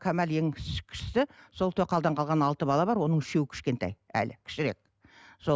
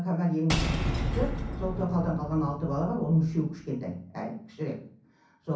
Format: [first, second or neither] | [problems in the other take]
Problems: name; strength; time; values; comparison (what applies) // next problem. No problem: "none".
first | background sound (Shatter / Boom); 3 dB below the speech // room echo; dies away in 0.6 s